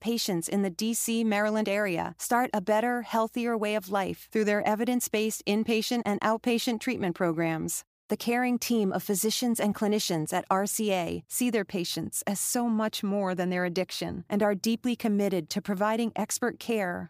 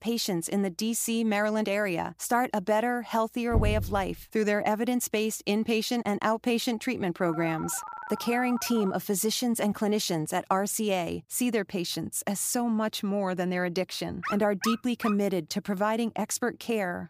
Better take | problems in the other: first | door banging; noticeable; at 3.5 s; peak 1 dB below the speech // phone ringing; faint; from 7 to 9 s; peak 10 dB below the speech // dog barking; noticeable; at 14 s; peak 7 dB below the speech

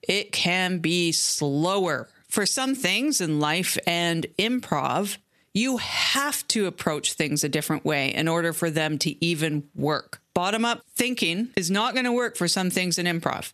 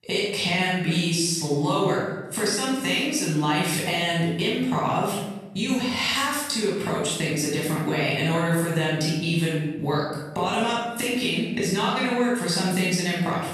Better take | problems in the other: first | room echo; strong; dies away in 1 s // off-mic speech; far

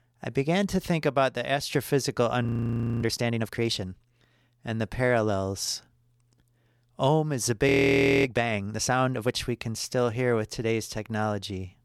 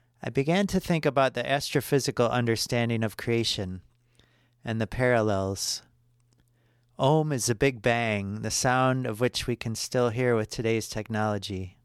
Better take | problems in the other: second | audio freezing; at 2.5 s for 0.5 s and at 7.5 s for 0.5 s

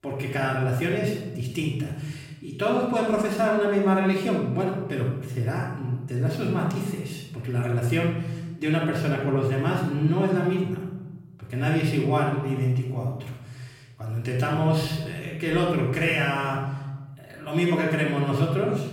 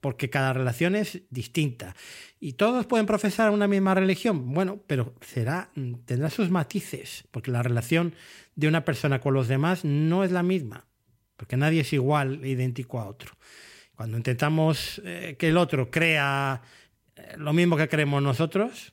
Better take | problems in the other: second | off-mic speech; far // room echo; noticeable; dies away in 1.1 s

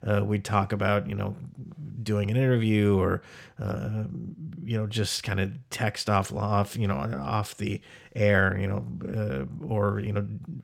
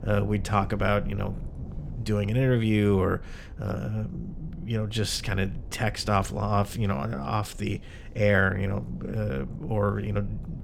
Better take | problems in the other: first | low rumble; faint; throughout; 25 dB below the speech

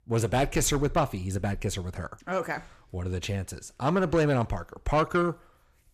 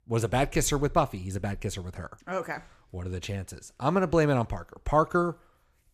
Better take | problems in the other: second | distortion; slight; 10 dB below the speech

